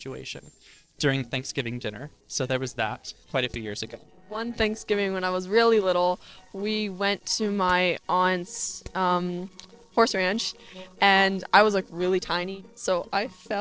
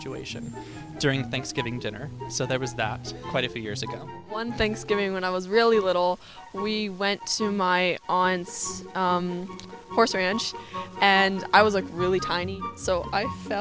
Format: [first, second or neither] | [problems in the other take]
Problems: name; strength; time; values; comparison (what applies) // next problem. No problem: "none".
second | noise reduction (neural separator model SepFormer DNS4)